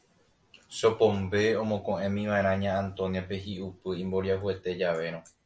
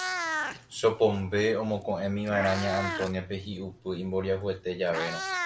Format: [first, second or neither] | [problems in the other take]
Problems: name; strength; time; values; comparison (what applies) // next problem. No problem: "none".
first | background sound (Meow); 7 dB below the speech